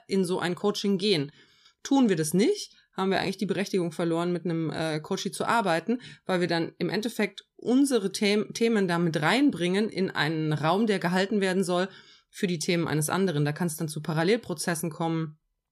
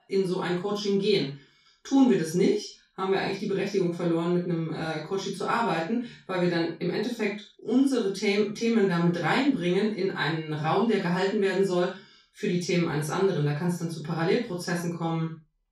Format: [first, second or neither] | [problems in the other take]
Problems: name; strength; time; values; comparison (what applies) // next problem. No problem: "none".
first | room echo; noticeable; dies away in 0.3 s // off-mic speech; far